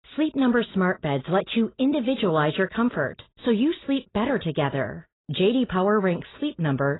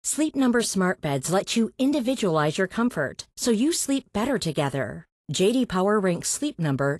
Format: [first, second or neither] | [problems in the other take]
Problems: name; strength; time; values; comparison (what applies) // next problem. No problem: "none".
second | garbled, watery; badly; nothing above 4 kHz; slightly in the second